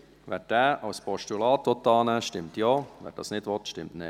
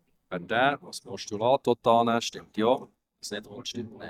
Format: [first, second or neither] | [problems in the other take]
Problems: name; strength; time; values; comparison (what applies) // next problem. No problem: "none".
first | noise reduction (neural mask model DeepFilterNet 3)